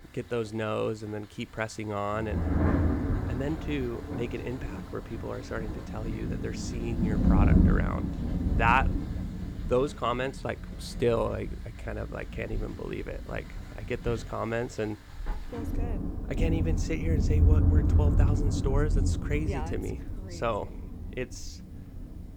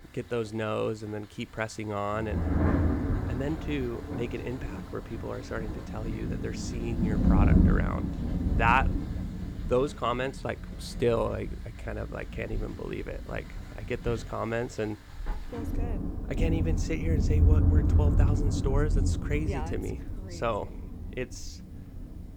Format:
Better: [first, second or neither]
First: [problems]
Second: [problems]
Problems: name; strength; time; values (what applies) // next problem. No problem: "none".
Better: neither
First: rain or running water; very loud; throughout; 4 dB above the speech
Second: rain or running water; very loud; throughout; 4 dB above the speech